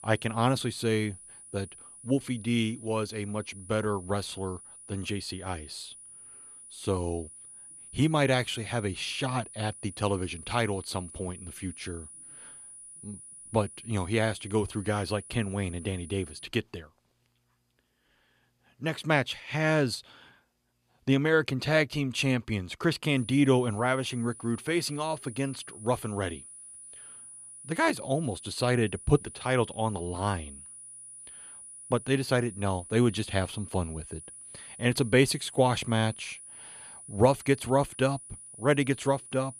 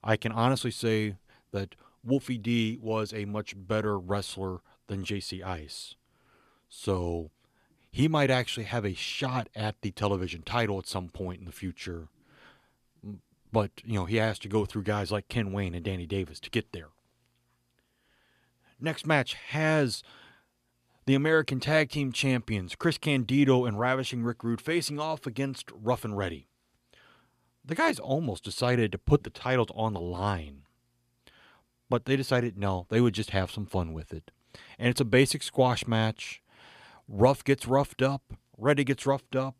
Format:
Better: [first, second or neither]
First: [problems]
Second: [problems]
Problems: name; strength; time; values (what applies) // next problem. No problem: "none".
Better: second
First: high-pitched whine; noticeable; until 16 s and from 23 s on; 9.5 kHz, 15 dB below the speech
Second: none